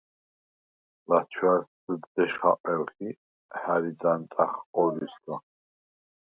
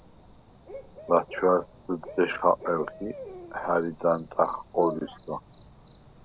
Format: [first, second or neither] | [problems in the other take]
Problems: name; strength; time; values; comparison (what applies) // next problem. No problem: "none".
first | background sound (Cricket / Bird); 18 dB below the speech